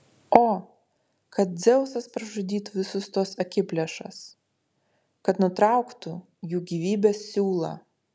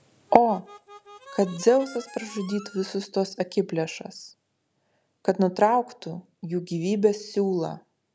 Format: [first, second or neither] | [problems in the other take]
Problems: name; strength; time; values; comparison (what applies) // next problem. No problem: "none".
first | background sound (Harmonica); 20 dB below the speech